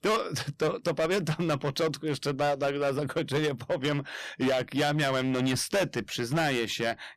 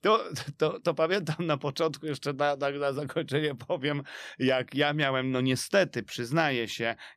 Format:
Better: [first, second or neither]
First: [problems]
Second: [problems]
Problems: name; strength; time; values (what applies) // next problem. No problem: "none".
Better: second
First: distortion; heavy; 14% of the sound clipped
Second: none